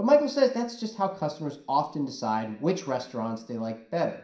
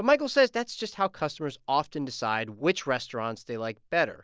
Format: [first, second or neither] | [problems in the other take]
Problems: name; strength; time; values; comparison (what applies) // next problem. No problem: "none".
second | room echo; dies away in 0.5 s